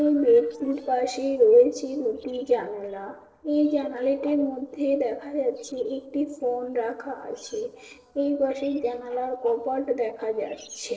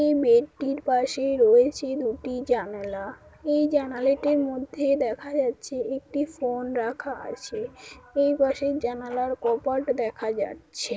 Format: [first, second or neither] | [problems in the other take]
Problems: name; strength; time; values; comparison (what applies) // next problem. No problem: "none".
second | noise reduction (neural separator model SepFormer DNS4)